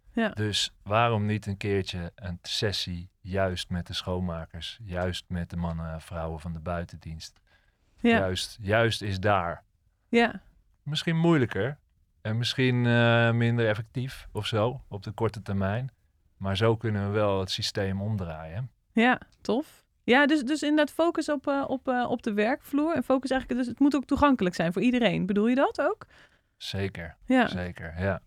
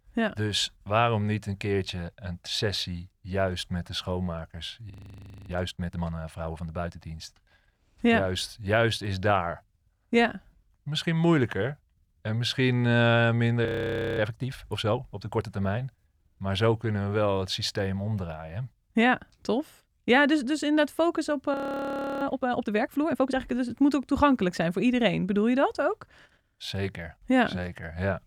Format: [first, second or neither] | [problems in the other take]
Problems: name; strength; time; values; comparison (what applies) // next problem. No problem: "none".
first | audio freezing; at 5 s for 0.5 s, at 14 s for 0.5 s and at 22 s for 0.5 s